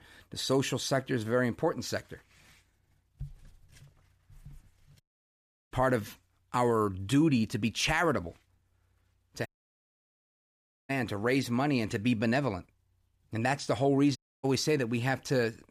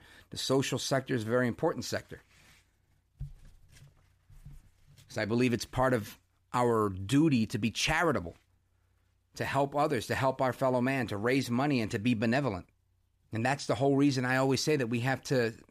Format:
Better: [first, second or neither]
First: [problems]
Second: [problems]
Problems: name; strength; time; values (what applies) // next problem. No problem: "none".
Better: second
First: audio cutting out; at 5 s for 0.5 s, at 9.5 s for 1.5 s and at 14 s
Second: none